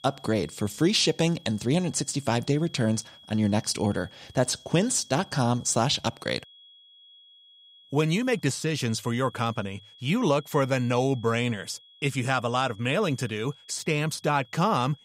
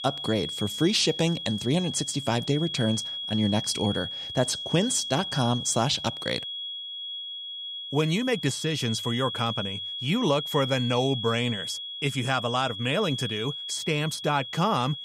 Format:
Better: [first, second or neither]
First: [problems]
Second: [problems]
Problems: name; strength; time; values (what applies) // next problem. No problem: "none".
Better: first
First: high-pitched whine; faint; throughout; 3.5 kHz, 25 dB below the speech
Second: high-pitched whine; loud; throughout; 3.5 kHz, 6 dB below the speech